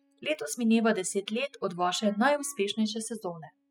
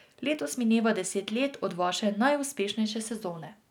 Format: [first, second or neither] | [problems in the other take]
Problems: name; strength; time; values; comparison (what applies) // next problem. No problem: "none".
second | noise reduction (classical method spectral subtraction)